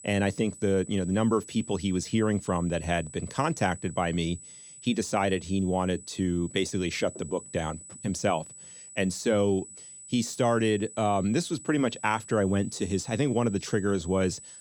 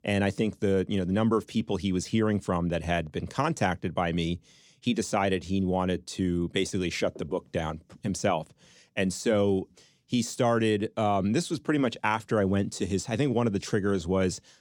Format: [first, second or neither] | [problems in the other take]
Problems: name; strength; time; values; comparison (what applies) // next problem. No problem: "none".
second | high-pitched whine; noticeable; throughout; 8 kHz, 15 dB below the speech